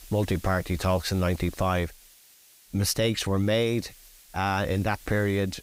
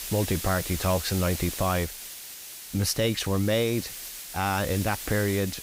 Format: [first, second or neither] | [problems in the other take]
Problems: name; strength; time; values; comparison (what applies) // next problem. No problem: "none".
first | hiss; loud; throughout; 8 dB below the speech; faint in the first